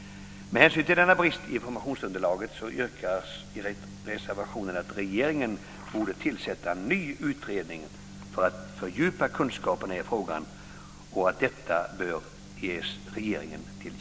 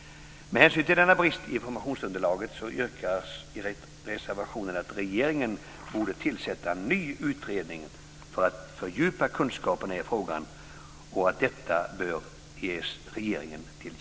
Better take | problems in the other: second | background sound (Bowed string instrument); 19 dB below the speech

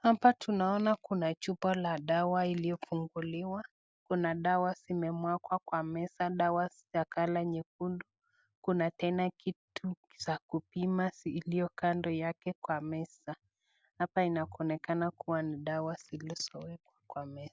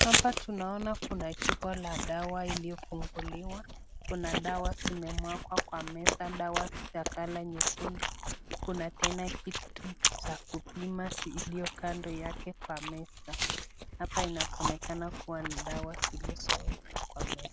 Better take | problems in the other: first | background sound (Chewing, mastication); 3 dB above the speech

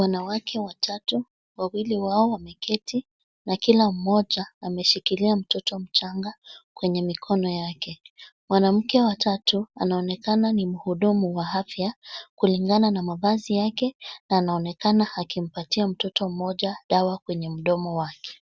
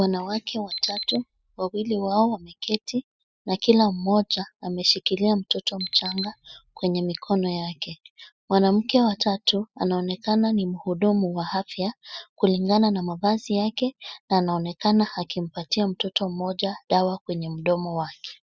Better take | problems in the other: first | noise reduction (classical method spectral subtraction)

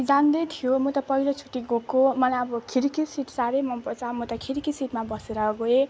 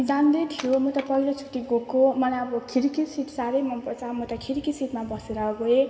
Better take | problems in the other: first | background sound (Wood); 19 dB below the speech // room echo; dies away in 2.1 s

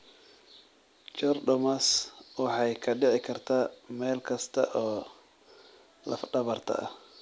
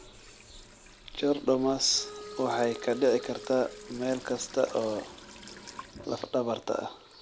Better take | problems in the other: first | background sound (Sink (filling or washing) / Water tap, faucet + Wind instrument, woodwind instrument); 16 dB below the speech

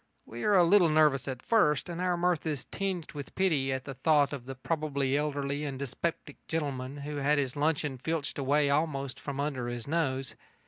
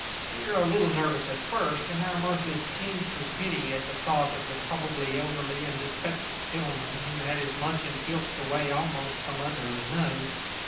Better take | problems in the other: first | background sound (Water); 4 dB below the speech // room echo; dies away in 0.6 s

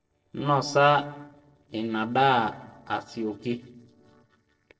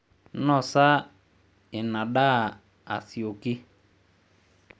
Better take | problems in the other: second | noise reduction (neural separator model SepFormer DNS4)

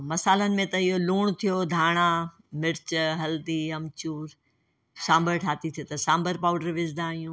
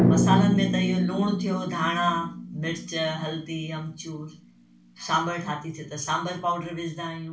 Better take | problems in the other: first | background sound (Drum); 1 dB above the speech // room echo; dies away in 0.3 s

